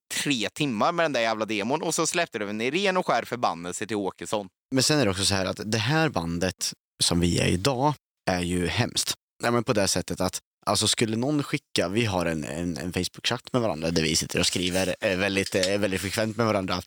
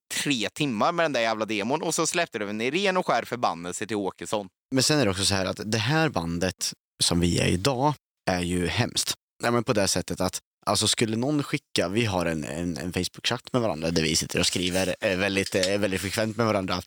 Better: neither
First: none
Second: none

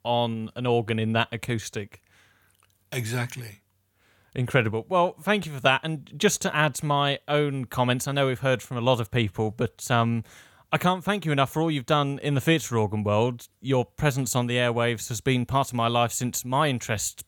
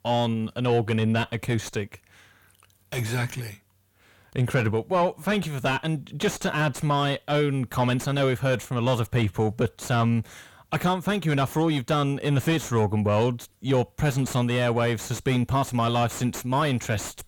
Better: first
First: none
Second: distortion; heavy; 8 dB below the speech

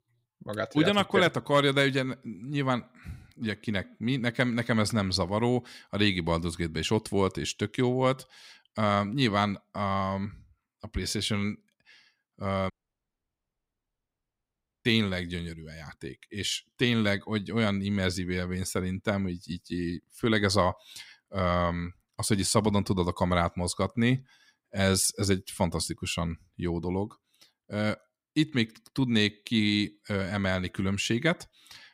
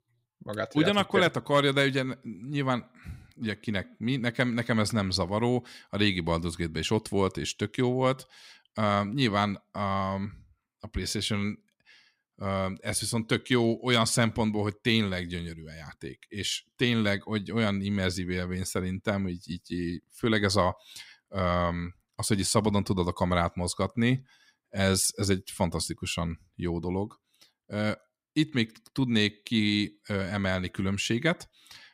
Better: second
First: audio cutting out; at 13 s for 2 s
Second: none

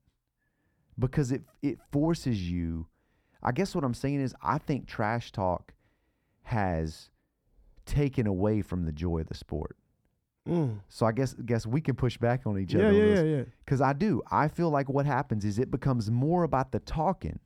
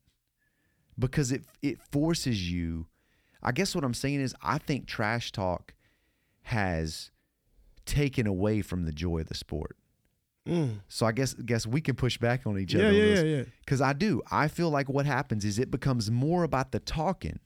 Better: second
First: muffled; slightly; fading above 1.5 kHz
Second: none

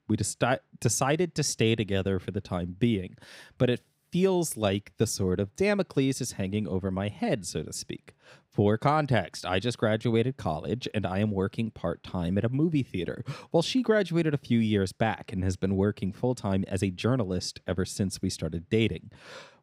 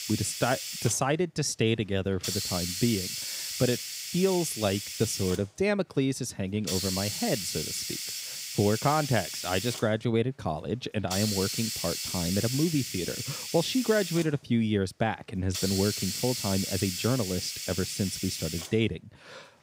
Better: first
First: none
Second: hiss; loud; throughout; 4 dB below the speech

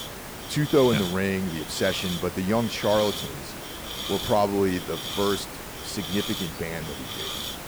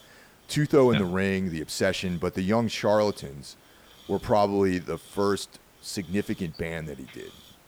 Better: second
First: hiss; loud; throughout; 7 dB below the speech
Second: hiss; faint; throughout; 25 dB below the speech

